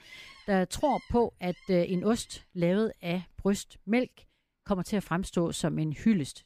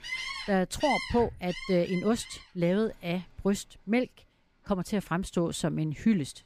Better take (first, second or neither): first